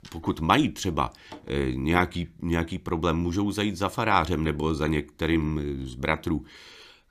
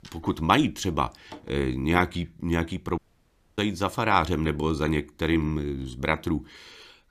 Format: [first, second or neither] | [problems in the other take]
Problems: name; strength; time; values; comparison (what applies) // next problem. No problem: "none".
first | audio cutting out; at 3 s for 0.5 s